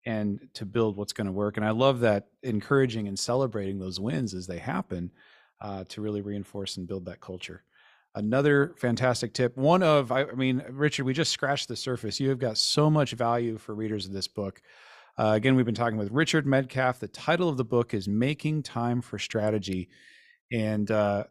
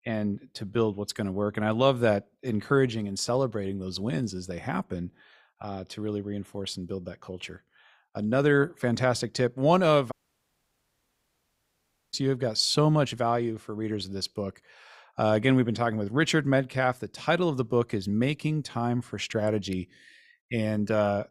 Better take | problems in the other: first | audio cutting out; at 10 s for 2 s

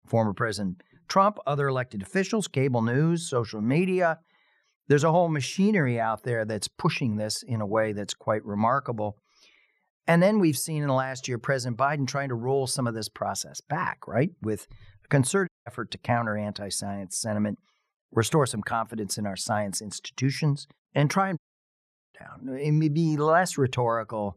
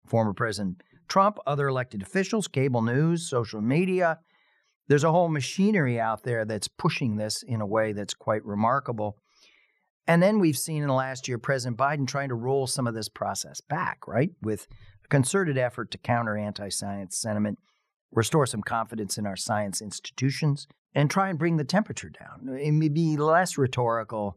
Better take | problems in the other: second | audio cutting out; at 15 s and at 21 s for 1 s

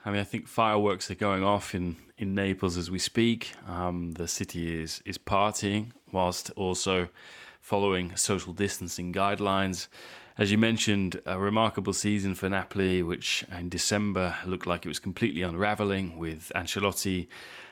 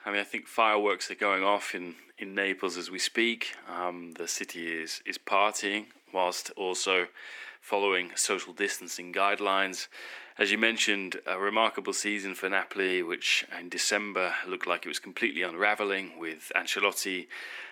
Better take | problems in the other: first | thin; somewhat; fading below 300 Hz

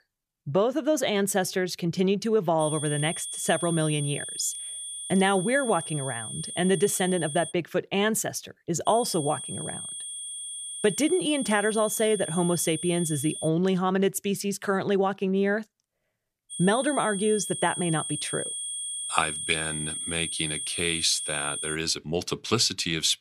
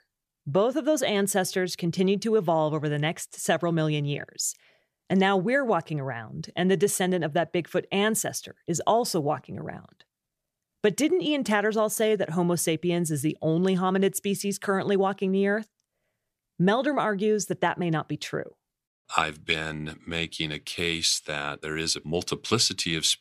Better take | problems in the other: second | high-pitched whine; loud; from 2.5 to 7.5 s, from 9 to 13 s and from 17 to 22 s; 9 kHz, 6 dB below the speech

